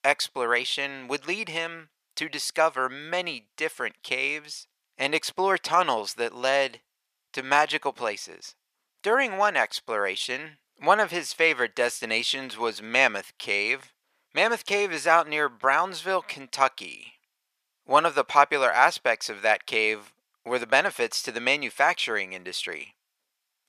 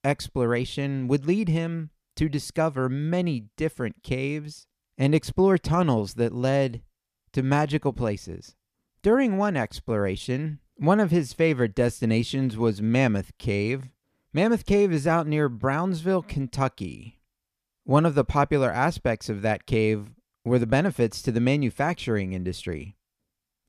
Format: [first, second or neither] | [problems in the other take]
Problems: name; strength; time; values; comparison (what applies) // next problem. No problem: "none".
second | thin; very; fading below 850 Hz